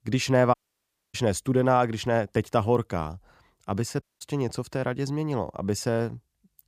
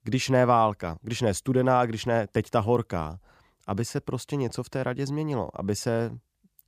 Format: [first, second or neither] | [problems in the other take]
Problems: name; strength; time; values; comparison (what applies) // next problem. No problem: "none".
second | audio cutting out; at 0.5 s for 0.5 s and at 4 s